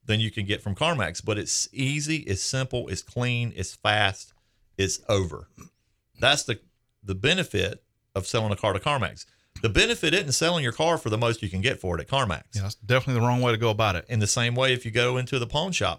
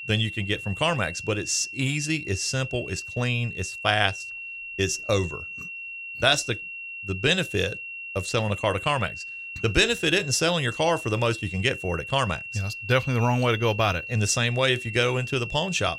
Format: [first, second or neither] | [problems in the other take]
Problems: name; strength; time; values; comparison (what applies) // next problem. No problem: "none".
first | high-pitched whine; loud; throughout; 2.5 kHz, 9 dB below the speech